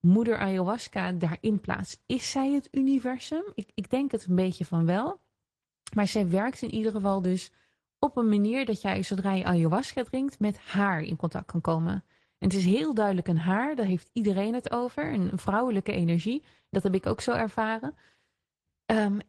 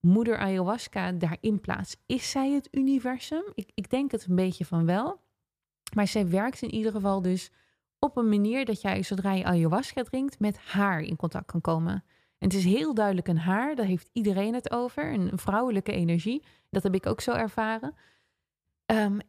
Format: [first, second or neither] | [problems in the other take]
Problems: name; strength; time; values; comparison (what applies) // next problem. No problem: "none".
second | garbled, watery; slightly